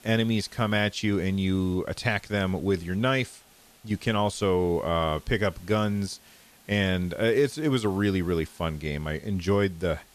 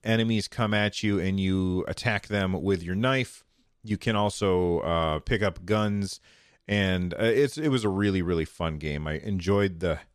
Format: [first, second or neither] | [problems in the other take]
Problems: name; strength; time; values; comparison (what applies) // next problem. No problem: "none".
second | hiss; faint; throughout; 25 dB below the speech